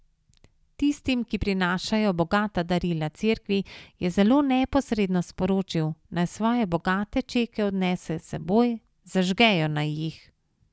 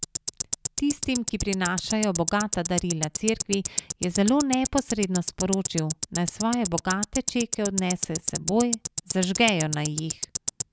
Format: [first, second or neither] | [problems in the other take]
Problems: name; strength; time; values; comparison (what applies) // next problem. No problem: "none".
first | background sound (Tick-tock); 5 dB below the speech